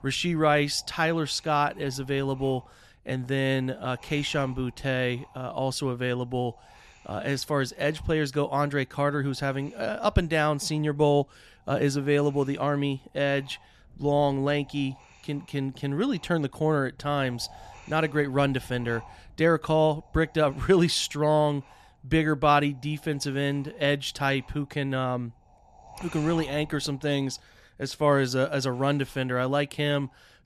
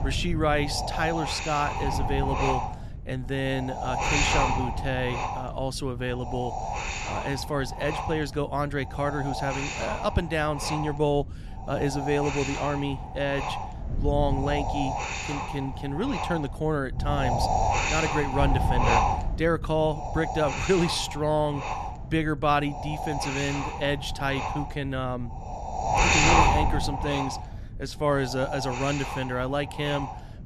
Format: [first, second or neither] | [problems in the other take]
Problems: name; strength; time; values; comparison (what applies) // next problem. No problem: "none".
first | wind noise on the microphone; heavy; 1 dB above the speech; occasional gusts in the first